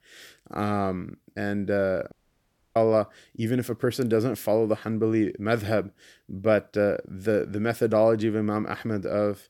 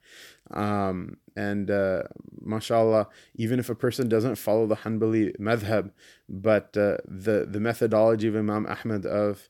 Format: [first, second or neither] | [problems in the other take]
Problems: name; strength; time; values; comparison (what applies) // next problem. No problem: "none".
second | audio cutting out; at 2 s for 0.5 s